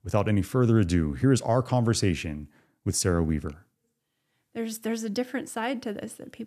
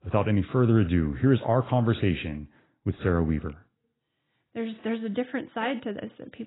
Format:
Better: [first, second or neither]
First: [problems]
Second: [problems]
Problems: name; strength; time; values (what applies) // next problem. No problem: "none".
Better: first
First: none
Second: garbled, watery; badly; nothing above 4 kHz